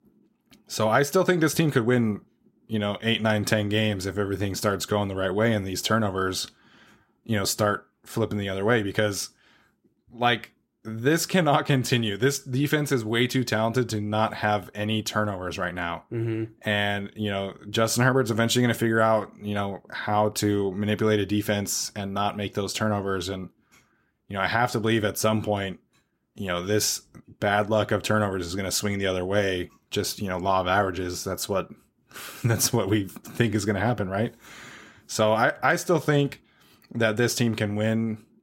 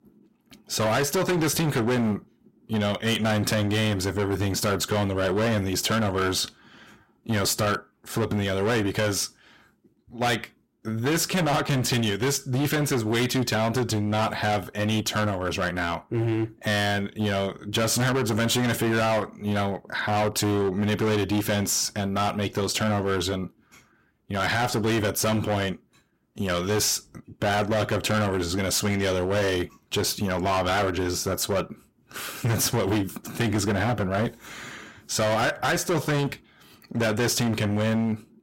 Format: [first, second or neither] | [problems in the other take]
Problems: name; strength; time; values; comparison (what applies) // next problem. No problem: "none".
first | distortion; heavy; 19% of the sound clipped